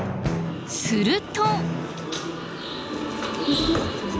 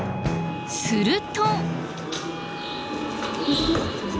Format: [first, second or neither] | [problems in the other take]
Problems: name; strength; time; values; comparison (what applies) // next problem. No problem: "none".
first | background sound (Wind instrument, woodwind instrument); 13 dB below the speech